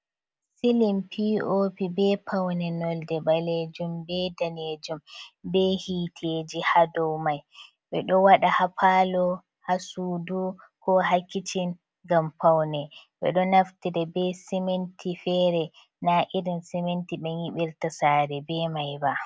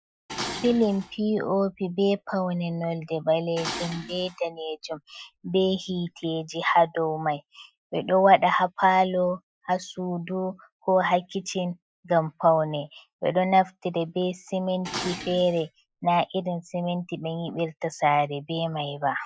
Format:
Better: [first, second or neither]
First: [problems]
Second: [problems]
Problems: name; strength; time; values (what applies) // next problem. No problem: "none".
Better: first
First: none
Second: noise reduction (classical method Wiener filter)